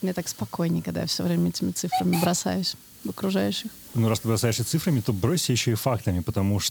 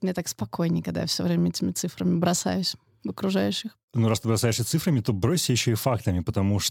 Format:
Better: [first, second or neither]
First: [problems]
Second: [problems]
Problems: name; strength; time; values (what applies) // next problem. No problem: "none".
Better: second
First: hiss; noticeable; throughout; 15 dB below the speech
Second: none